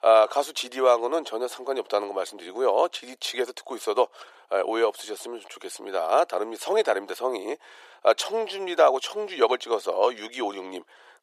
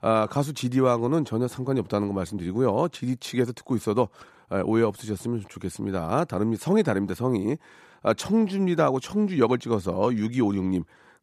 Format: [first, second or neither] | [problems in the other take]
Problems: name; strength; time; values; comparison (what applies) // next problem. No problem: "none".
second | thin; very; fading below 400 Hz